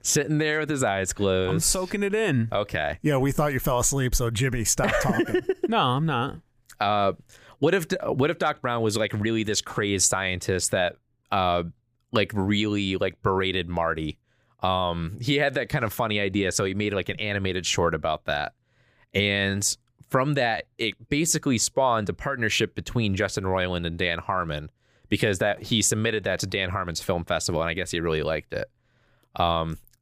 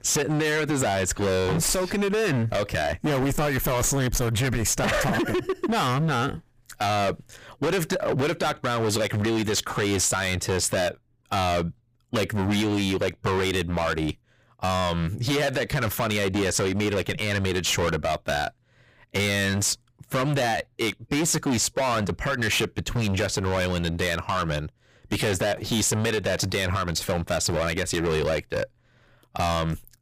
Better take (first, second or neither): first